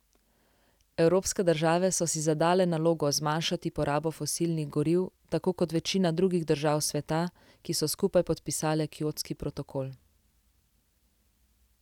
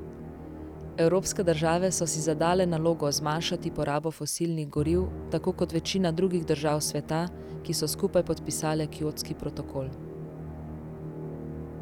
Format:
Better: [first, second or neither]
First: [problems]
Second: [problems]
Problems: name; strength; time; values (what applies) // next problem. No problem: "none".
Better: first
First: none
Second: background sound (Musical instrument); 10 dB below the speech